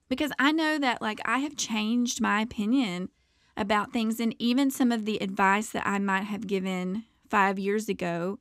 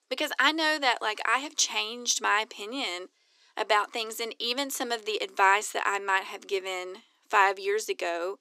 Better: first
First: none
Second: thin; very; fading below 350 Hz

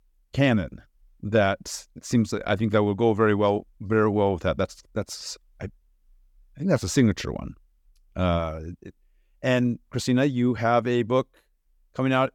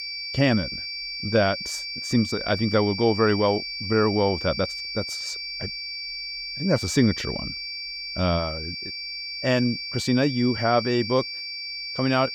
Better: first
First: none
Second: high-pitched whine; loud; throughout; 4.5 kHz, 6 dB below the speech

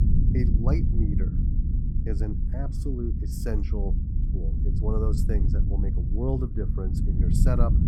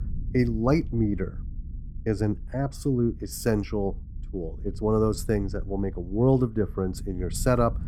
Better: second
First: low rumble; loud; throughout; 3 dB below the speech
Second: low rumble; faint; throughout; 25 dB below the speech

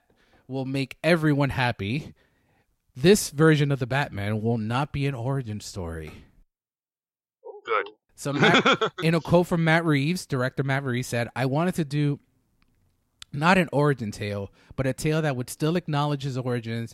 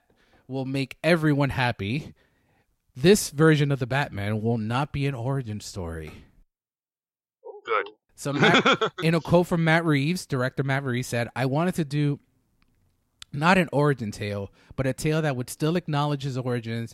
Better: neither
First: none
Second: none

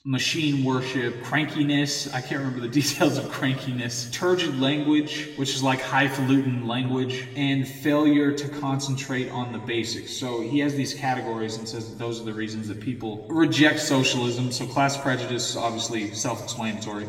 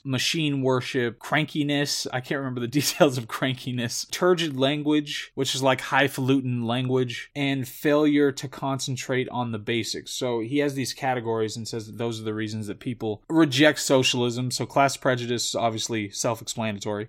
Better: second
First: room echo; slight; dies away in 1.4 s // off-mic speech; somewhat distant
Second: none

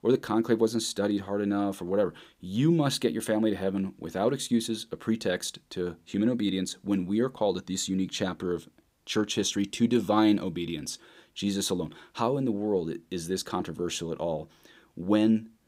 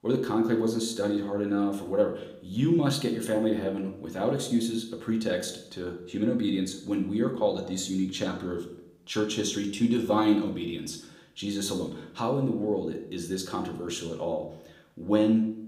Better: first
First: none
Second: room echo; slight; dies away in 0.6 s // off-mic speech; somewhat distant

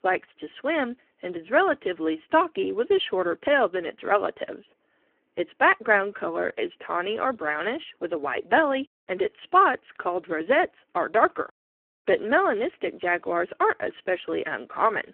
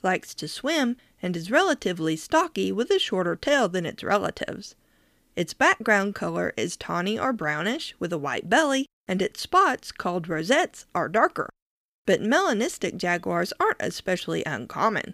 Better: second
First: phone-call audio; poor line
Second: none

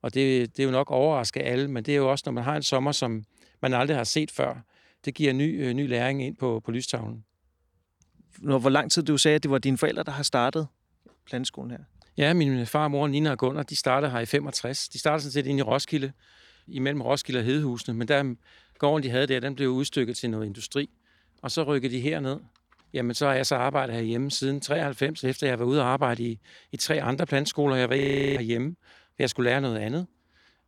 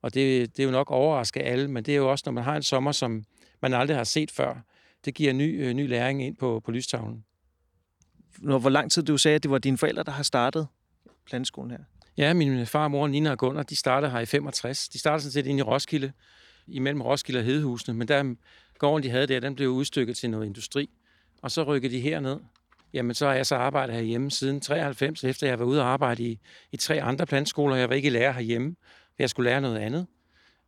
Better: second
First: audio freezing; at 28 s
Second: none

